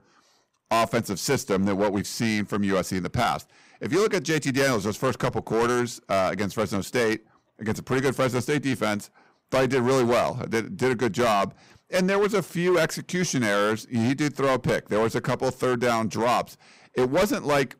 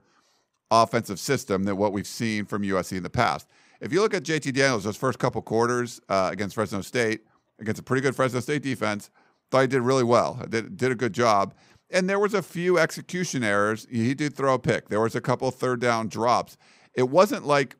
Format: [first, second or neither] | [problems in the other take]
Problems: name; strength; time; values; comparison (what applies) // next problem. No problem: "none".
second | distortion; heavy; 10% of the sound clipped